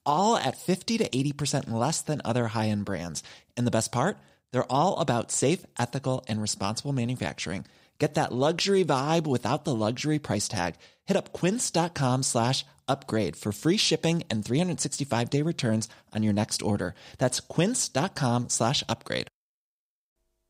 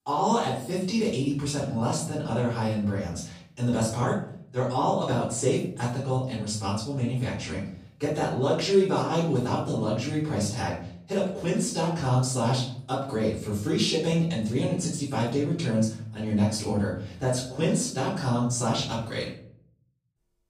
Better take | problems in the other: first | off-mic speech; far // room echo; noticeable; dies away in 0.6 s

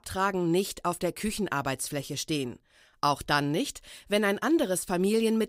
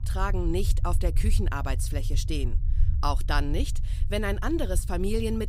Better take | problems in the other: first | low rumble; noticeable; throughout; 15 dB below the speech

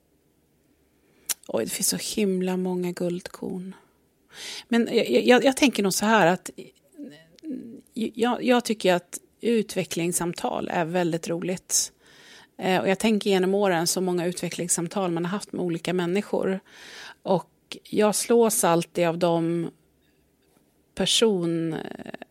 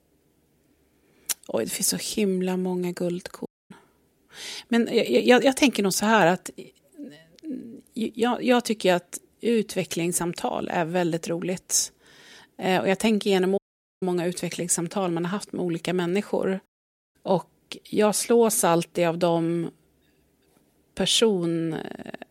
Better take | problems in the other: first | audio cutting out; at 3.5 s, at 14 s and at 17 s

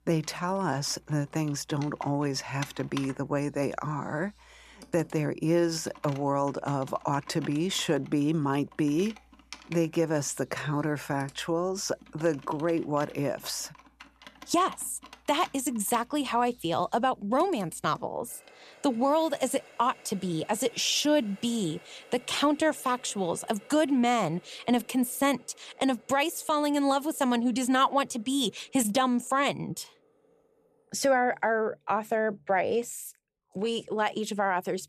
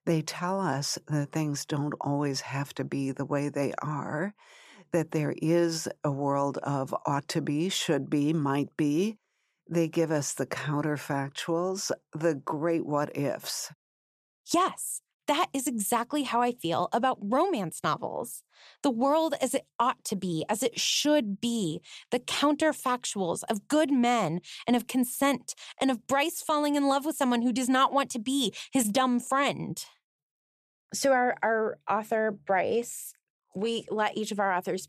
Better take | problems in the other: second | household noises; faint; throughout; 20 dB below the speech

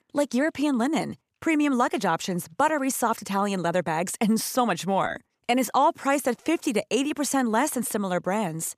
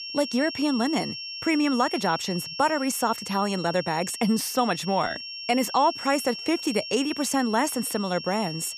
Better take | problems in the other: first | high-pitched whine; loud; throughout; 5.5 kHz, 9 dB below the speech

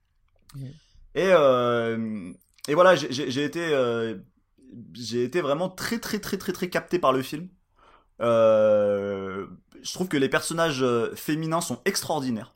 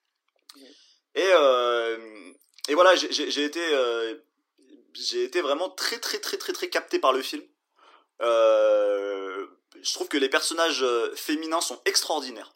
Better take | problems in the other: first | thin; somewhat; fading below 300 Hz

